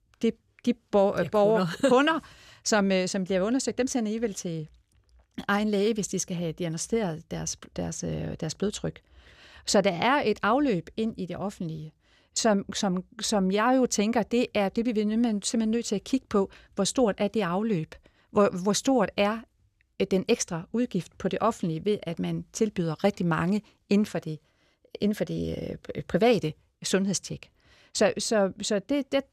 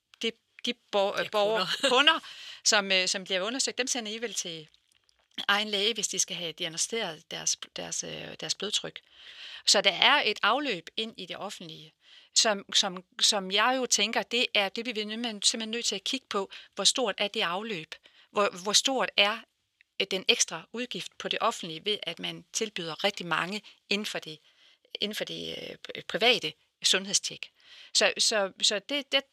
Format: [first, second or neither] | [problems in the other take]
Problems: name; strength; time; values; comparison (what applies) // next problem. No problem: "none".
first | thin; somewhat; fading below 1 kHz